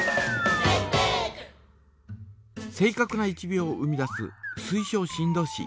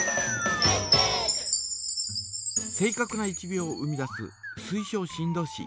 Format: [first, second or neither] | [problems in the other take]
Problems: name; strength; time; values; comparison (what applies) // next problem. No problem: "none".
first | background sound (Chime); 1 dB below the speech